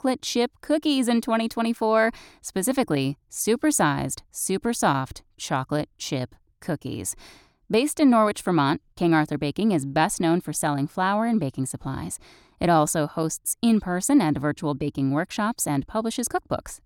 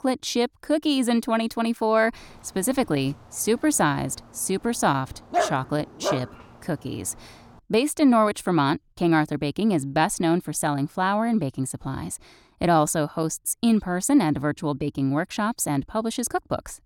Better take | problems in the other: first | dog barking; noticeable; at 5.5 s; peak 1 dB below the speech

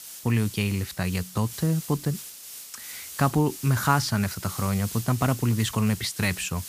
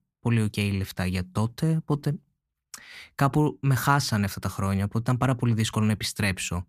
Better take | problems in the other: second | hiss; noticeable; throughout; 10 dB below the speech

